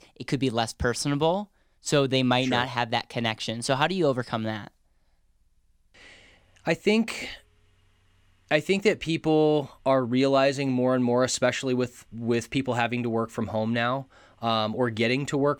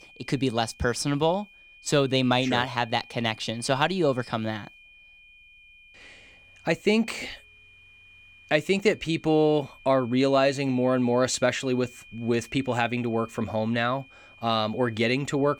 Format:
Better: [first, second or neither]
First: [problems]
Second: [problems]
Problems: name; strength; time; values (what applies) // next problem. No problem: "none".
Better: first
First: none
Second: high-pitched whine; faint; throughout; 2.5 kHz, 25 dB below the speech